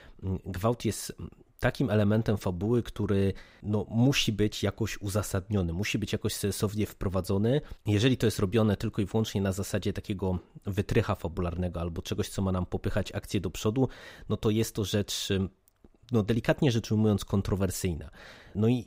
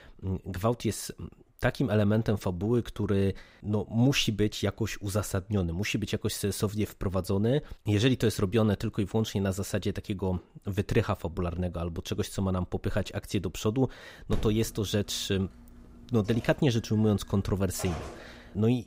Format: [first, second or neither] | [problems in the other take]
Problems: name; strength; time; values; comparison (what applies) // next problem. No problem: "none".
first | phone ringing; noticeable; from 14 to 18 s; peak 9 dB below the speech